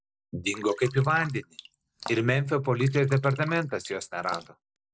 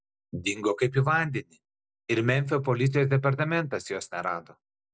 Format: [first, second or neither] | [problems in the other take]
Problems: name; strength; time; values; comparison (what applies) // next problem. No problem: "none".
second | background sound (Drip); 17 dB below the speech